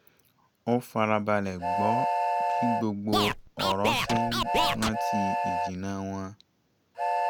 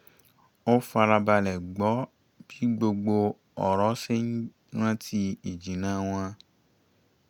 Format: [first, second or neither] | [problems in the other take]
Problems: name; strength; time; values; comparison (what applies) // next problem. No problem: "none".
second | background sound (Scratching (performance technique) + Train); 2 dB above the speech